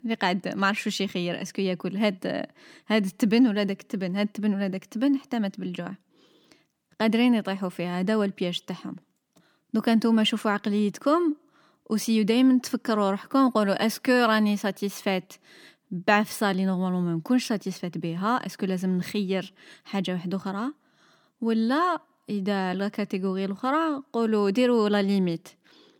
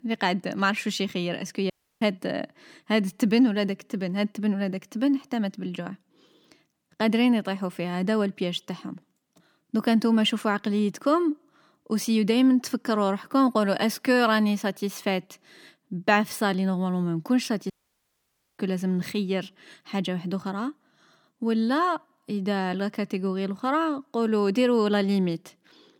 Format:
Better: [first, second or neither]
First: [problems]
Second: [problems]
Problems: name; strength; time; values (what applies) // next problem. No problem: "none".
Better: first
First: none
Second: audio cutting out; at 1.5 s and at 18 s for 1 s